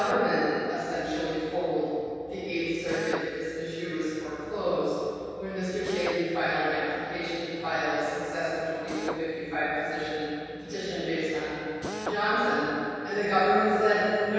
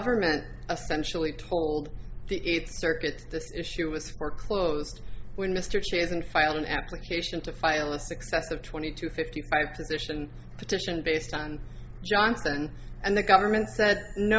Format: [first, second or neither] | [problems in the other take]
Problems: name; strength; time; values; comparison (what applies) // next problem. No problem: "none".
second | background sound (Drill); 15 dB below the speech // room echo; dies away in 2.2 s